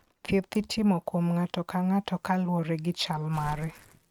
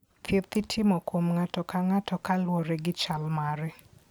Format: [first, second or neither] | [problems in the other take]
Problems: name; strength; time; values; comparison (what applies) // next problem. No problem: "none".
second | noise reduction (neural mask model RNNoise)